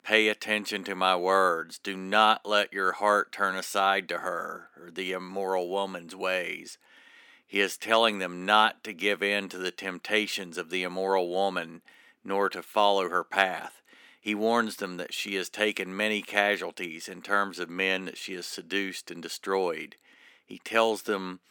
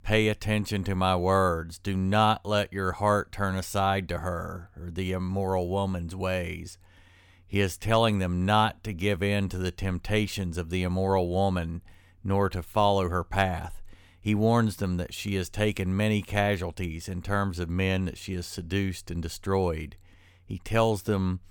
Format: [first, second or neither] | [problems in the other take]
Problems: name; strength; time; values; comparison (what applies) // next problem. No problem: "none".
second | thin; somewhat; fading below 250 Hz